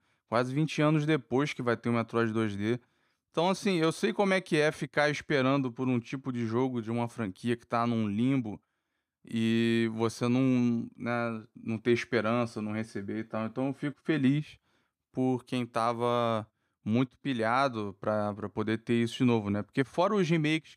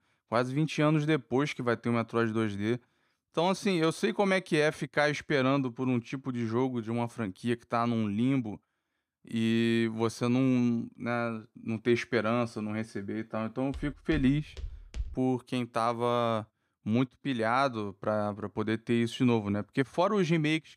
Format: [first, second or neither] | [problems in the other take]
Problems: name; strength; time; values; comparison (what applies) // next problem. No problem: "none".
first | footsteps; faint; from 14 to 15 s; peak 10 dB below the speech